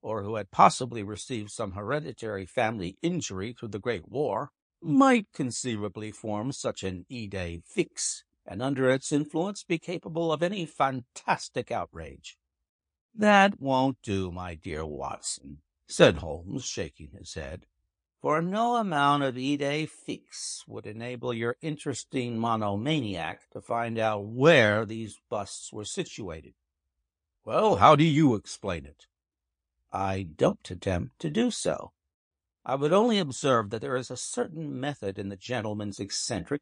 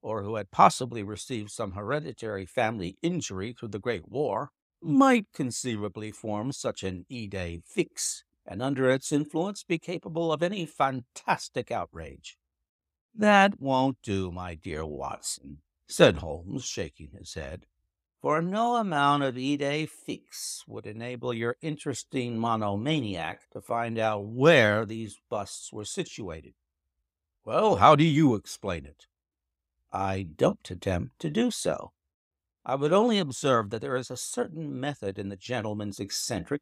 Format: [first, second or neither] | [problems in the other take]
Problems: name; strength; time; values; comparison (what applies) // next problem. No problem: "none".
second | garbled, watery; slightly; nothing above 9.5 kHz